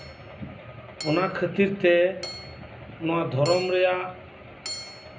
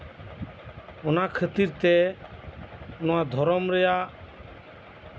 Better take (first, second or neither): second